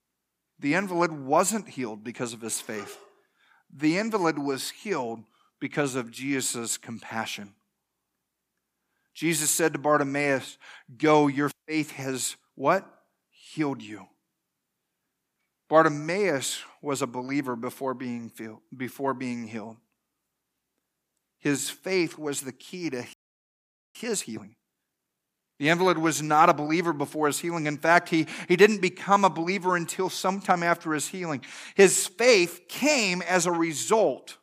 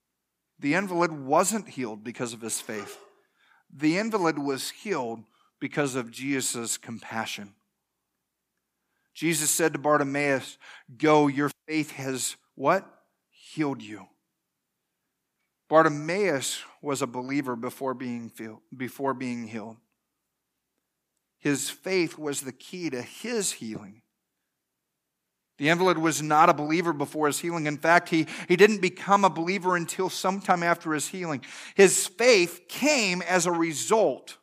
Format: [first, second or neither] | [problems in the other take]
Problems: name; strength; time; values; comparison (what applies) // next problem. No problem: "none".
second | audio freezing; at 23 s for 1 s